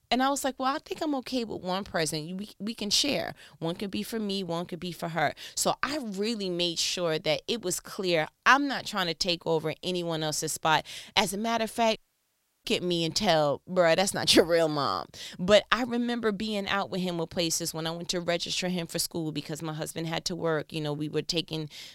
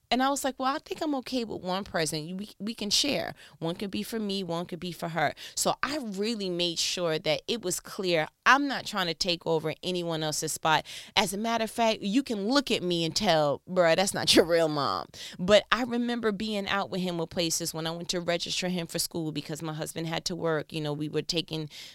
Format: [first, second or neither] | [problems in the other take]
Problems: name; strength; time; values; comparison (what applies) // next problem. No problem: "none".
second | audio cutting out; at 12 s for 0.5 s